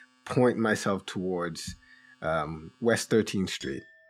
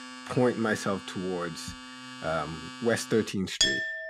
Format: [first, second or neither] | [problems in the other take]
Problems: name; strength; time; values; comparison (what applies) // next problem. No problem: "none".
first | household noises; loud; throughout; 3 dB below the speech; faint in the first